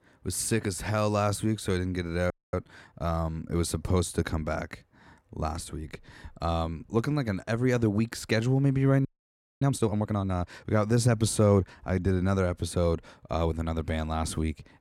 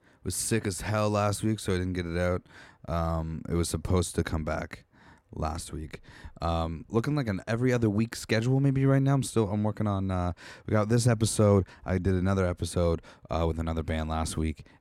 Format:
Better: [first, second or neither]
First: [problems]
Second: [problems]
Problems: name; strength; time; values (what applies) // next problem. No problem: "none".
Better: second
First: audio freezing; at 2.5 s and at 9 s for 0.5 s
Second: none